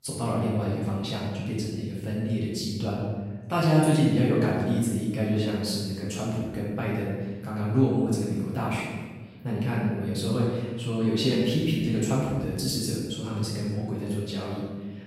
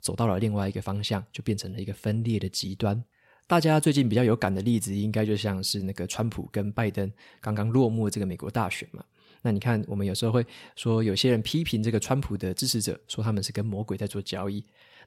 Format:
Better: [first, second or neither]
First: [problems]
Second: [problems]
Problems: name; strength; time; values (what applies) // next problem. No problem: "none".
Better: second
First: off-mic speech; far // room echo; strong; dies away in 1.2 s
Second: none